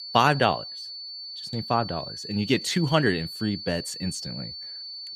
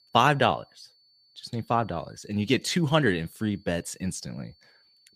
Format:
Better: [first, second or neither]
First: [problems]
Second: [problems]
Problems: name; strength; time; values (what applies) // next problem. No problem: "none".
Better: second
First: high-pitched whine; loud; throughout; 4.5 kHz, 9 dB below the speech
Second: high-pitched whine; faint; throughout; 4.5 kHz, 35 dB below the speech